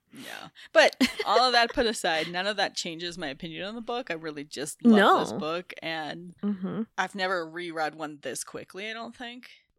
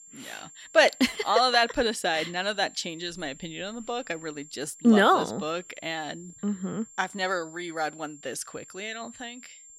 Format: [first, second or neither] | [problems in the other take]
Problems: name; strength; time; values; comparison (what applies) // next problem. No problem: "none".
first | high-pitched whine; faint; throughout; 7.5 kHz, 20 dB below the speech